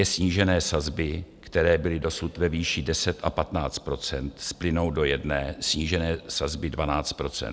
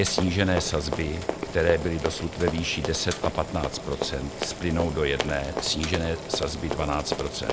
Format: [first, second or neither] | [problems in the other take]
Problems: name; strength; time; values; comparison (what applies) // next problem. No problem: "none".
first | background sound (Boiling + Run); 5 dB below the speech